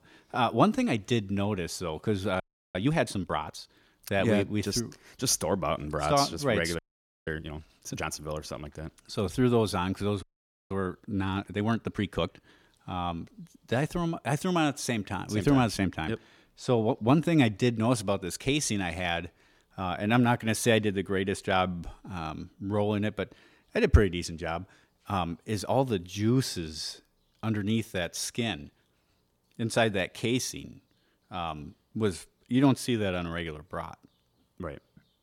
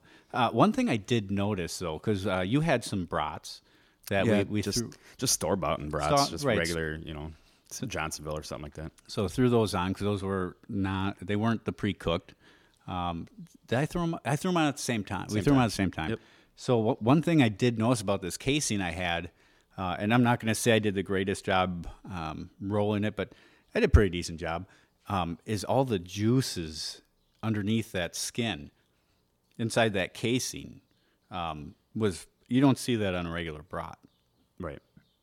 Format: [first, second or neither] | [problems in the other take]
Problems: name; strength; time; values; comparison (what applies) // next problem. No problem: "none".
second | audio freezing; at 2.5 s, at 7 s and at 10 s